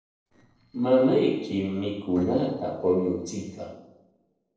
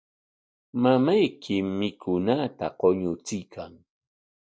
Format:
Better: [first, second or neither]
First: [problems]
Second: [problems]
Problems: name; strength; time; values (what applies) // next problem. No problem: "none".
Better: second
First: noise reduction (neural separator model SepFormer DNS4)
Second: none